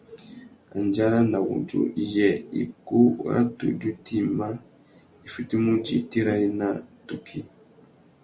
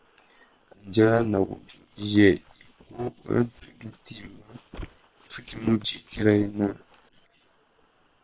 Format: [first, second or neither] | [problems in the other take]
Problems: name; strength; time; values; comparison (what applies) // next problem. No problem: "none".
first | noise reduction (neural separator model SepFormer WHAM!)